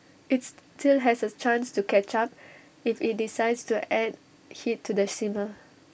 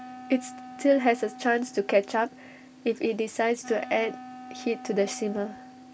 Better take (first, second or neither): first